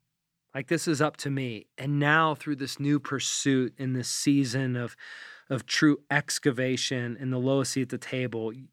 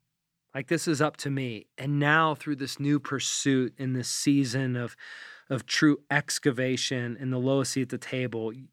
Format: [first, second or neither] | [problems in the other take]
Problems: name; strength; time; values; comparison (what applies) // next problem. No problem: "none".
neither | none